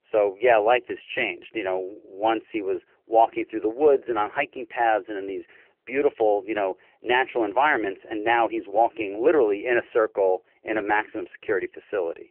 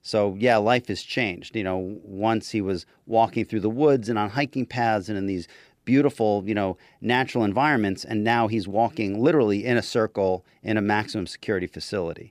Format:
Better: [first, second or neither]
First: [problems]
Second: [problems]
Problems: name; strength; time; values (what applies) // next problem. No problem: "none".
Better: second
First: phone-call audio; poor line; nothing above 3 kHz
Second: none